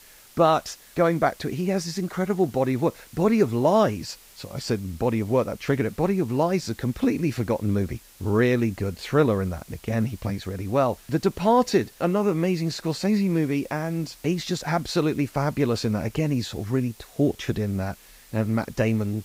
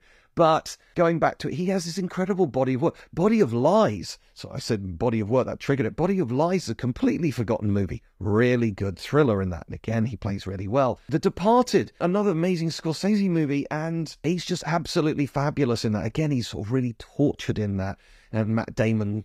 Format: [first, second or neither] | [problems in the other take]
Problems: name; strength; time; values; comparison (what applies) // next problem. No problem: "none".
second | hiss; faint; throughout; 25 dB below the speech